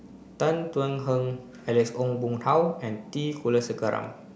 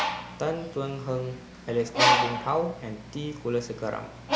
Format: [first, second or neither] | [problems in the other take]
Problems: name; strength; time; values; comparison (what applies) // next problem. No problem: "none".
first | background sound (Bird); 1 dB above the speech